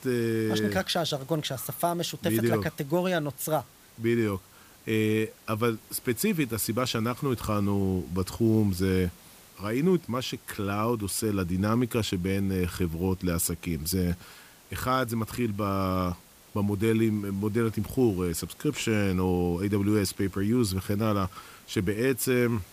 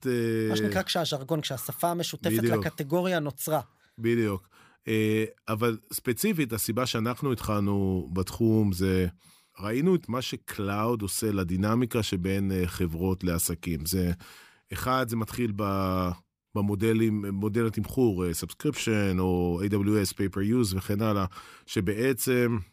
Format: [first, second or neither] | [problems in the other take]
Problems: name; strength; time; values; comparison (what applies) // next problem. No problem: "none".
second | hiss; faint; throughout; 25 dB below the speech